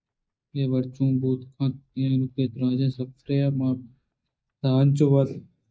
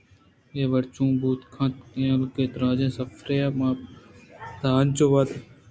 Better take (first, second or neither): second